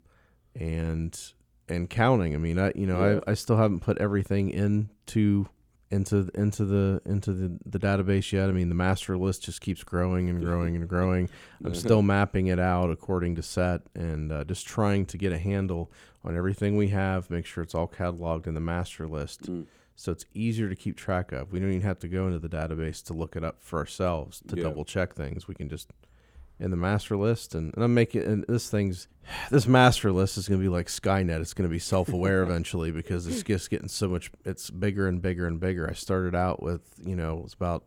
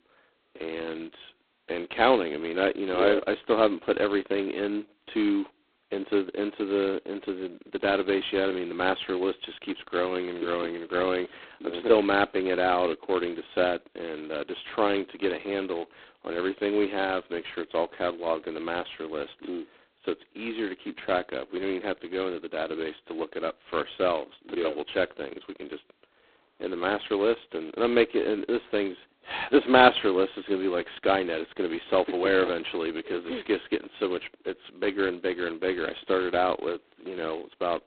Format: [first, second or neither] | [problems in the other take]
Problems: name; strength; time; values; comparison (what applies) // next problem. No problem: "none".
first | phone-call audio; poor line; nothing above 4 kHz